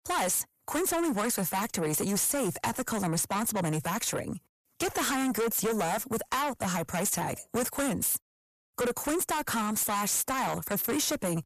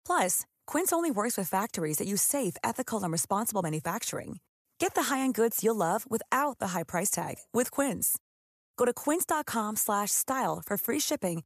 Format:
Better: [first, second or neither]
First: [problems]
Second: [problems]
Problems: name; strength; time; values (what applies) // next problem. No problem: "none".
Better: second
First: distortion; heavy; 6 dB below the speech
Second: none